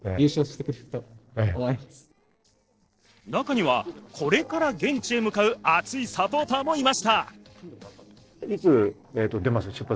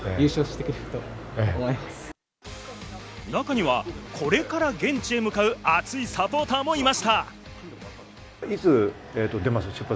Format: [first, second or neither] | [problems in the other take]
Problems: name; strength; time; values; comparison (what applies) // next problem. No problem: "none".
second | noise reduction (neural separator model SepFormer DNS4)